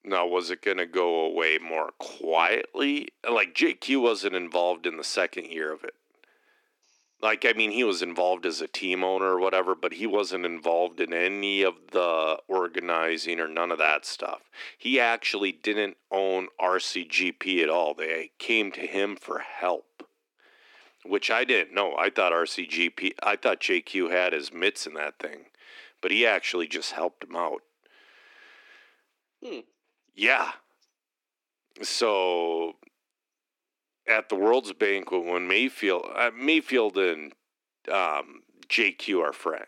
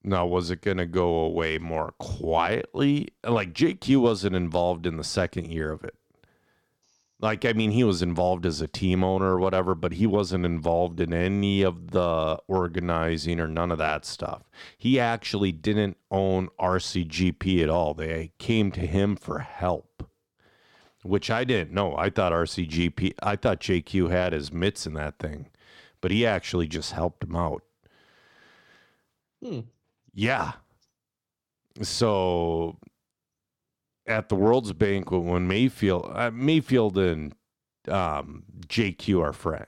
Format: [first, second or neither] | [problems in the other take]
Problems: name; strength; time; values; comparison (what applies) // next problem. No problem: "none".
second | thin; somewhat; fading below 300 Hz